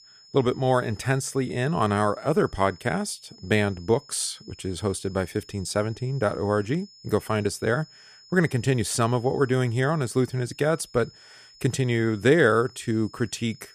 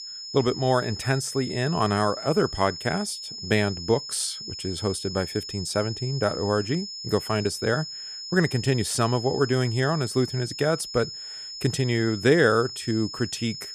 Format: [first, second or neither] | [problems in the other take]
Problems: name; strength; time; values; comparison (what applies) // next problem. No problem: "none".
first | high-pitched whine; loud; throughout; 5 kHz, 9 dB below the speech; faint in the first